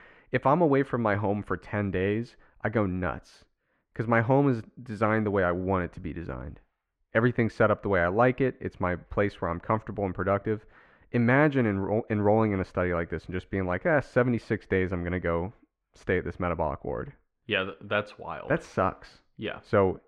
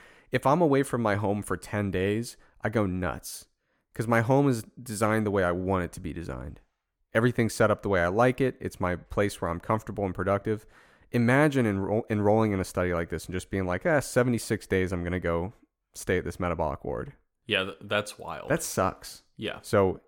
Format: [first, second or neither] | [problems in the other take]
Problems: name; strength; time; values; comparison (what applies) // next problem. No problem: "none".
second | muffled; slightly; fading above 2 kHz